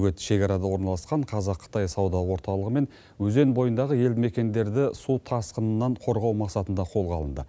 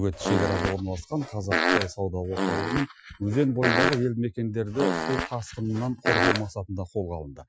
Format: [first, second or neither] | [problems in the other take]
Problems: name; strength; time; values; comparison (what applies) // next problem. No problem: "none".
first | noise reduction (classical method Wiener filter)